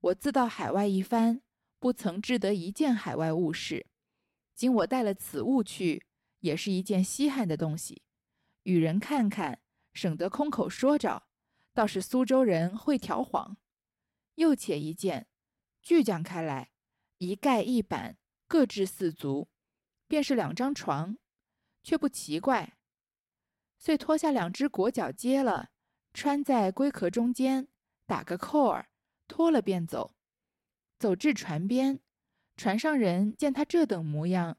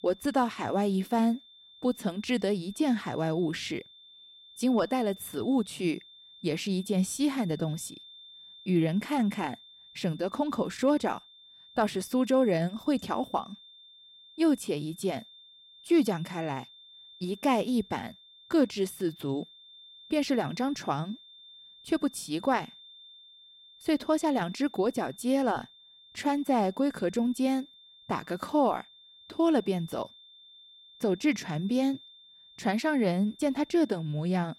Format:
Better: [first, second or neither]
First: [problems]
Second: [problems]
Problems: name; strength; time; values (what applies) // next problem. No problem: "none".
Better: first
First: none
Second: high-pitched whine; faint; throughout; 3.5 kHz, 20 dB below the speech